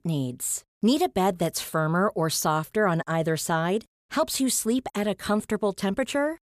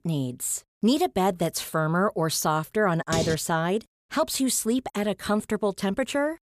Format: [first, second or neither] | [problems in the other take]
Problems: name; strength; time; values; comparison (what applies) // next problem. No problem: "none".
first | clattering dishes; noticeable; at 3 s; peak 4 dB below the speech